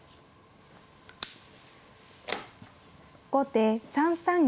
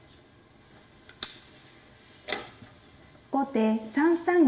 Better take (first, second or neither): first